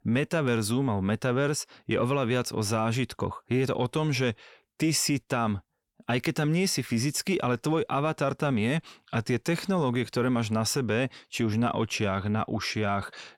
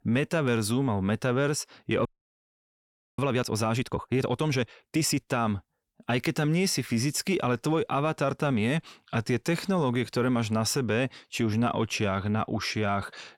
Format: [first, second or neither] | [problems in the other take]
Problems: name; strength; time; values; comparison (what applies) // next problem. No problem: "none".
first | audio freezing; at 2 s for 1 s